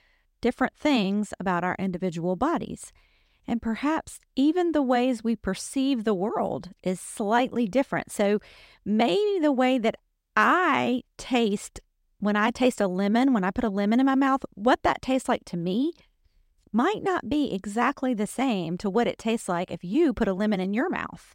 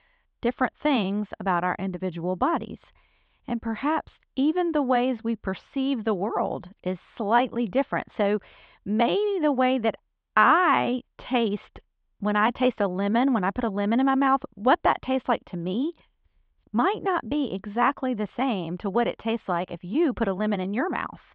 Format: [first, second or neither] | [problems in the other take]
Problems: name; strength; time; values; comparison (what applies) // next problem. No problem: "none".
first | muffled; very; fading above 3.5 kHz